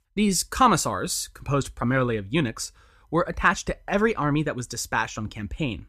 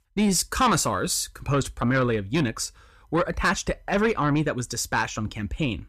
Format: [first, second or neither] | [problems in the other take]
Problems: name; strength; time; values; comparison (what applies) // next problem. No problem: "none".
first | distortion; slight; 10 dB below the speech